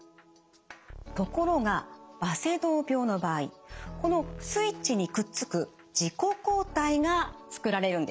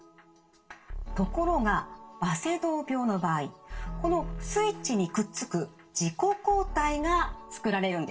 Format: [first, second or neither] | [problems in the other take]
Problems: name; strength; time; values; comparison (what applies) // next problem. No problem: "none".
first | room echo; dies away in 0.2 s